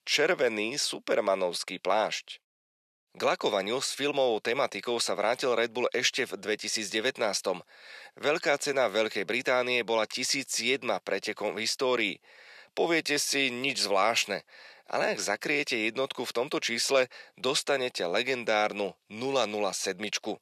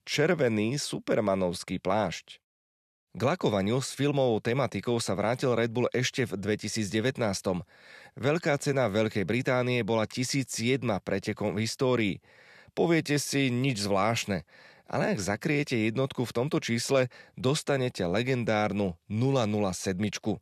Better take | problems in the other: second | thin; somewhat; fading below 450 Hz

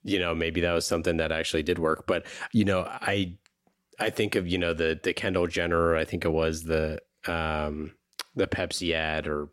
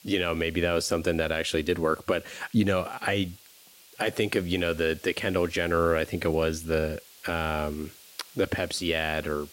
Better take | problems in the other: first | hiss; faint; throughout; 20 dB below the speech

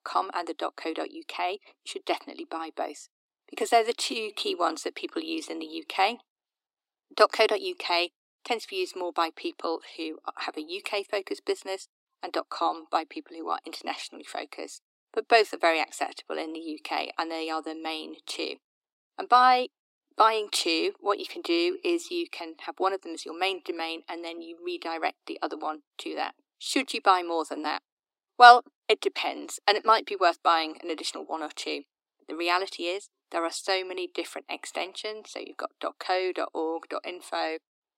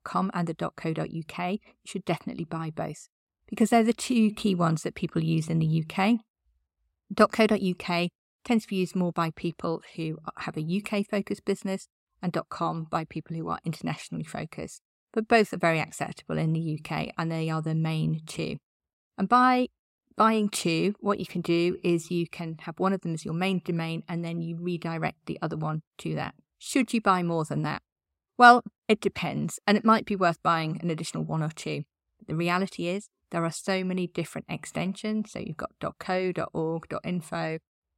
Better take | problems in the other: second | thin; very; fading below 300 Hz

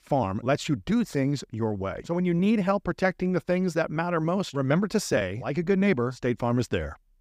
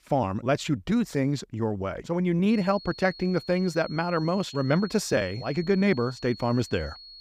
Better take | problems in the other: first | high-pitched whine; noticeable; from 2.5 s on; 4.5 kHz, 15 dB below the speech

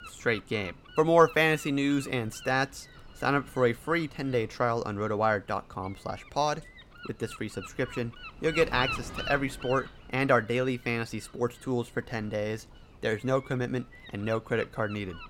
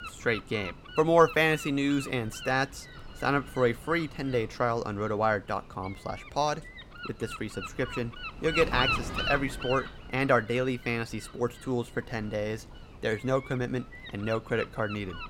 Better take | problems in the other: first | wind noise on the microphone; heavy; 8 dB below the speech; occasional gusts in the first

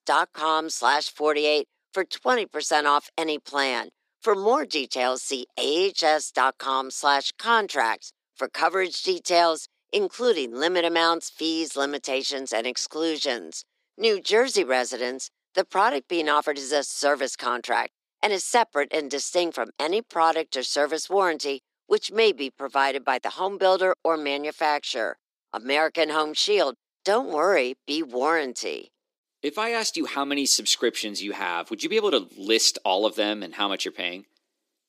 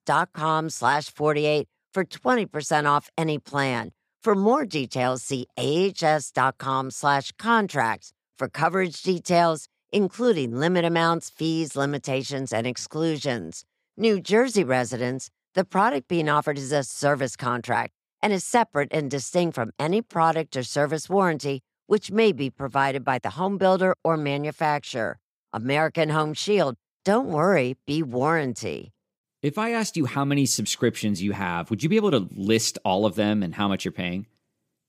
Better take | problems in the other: second | thin; somewhat; fading below 300 Hz

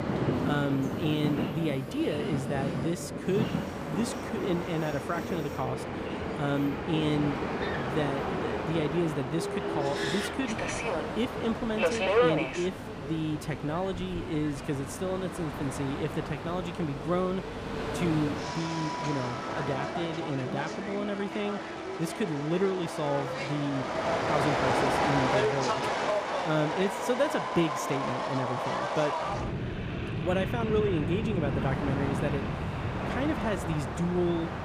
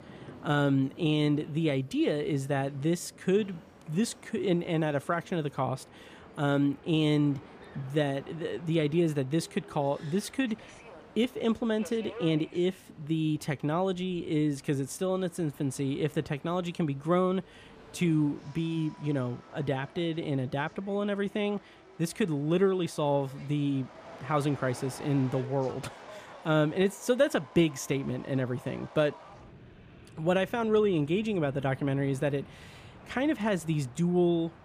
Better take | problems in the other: second | train or aircraft noise; loud; throughout; as loud as the speech; faint in the second

